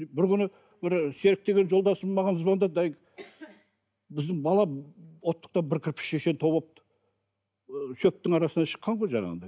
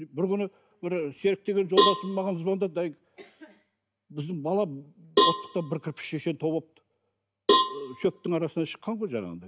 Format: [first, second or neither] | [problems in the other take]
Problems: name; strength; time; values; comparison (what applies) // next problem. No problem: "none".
first | background sound (Cowbell); 1 dB above the speech